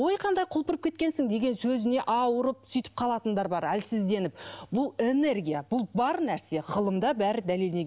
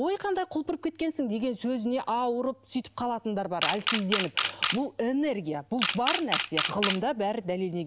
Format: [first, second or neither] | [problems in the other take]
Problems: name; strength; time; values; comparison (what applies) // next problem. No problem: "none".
first | background sound (Camera); 2 dB below the speech